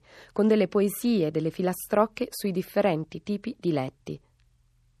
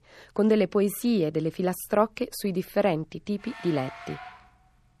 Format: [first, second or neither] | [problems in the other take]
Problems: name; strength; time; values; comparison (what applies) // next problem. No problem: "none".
first | traffic noise; noticeable; throughout; 15 dB below the speech